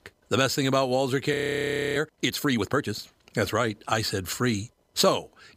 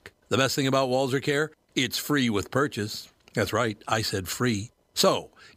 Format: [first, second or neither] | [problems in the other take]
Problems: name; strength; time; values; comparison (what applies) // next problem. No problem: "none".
second | audio freezing; at 1.5 s for 0.5 s